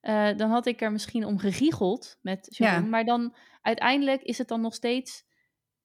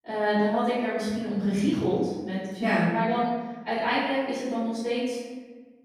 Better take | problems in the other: first | off-mic speech; far // room echo; strong; dies away in 1.3 s

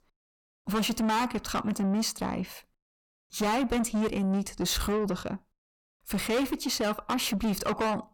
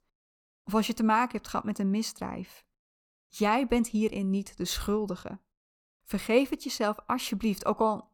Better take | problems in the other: second | distortion; heavy; 6 dB below the speech

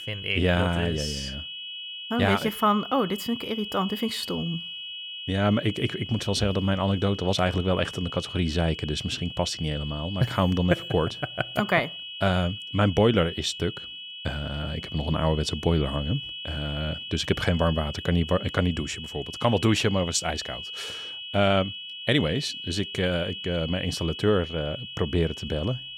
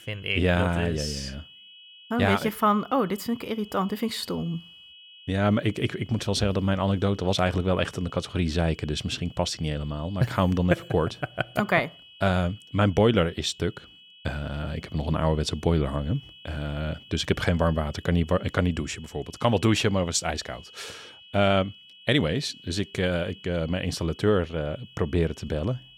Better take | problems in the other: second | high-pitched whine; loud; throughout; 3 kHz, 9 dB below the speech; faint in the second

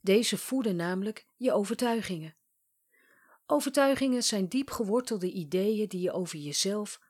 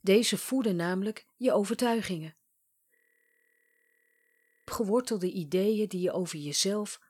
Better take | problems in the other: first | audio freezing; at 3 s for 1.5 s

